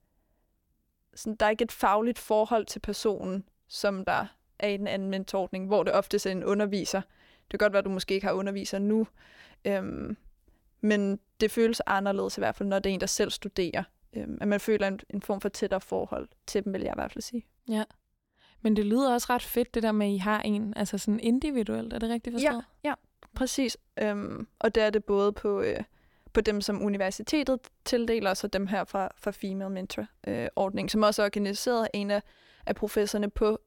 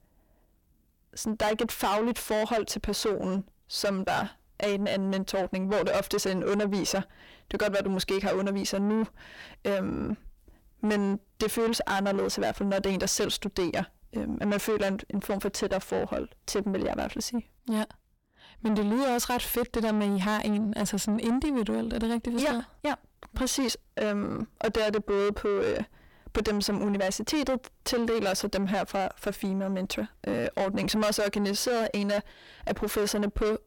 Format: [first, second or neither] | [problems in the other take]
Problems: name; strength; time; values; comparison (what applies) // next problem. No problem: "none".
first | distortion; heavy; 7 dB below the speech